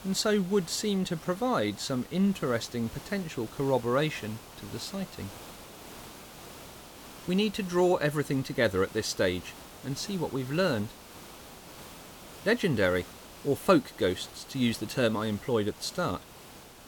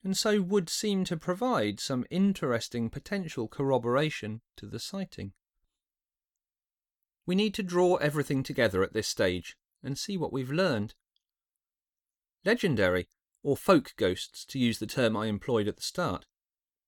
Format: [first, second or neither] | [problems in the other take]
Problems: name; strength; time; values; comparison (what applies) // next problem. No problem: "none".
second | hiss; noticeable; throughout; 15 dB below the speech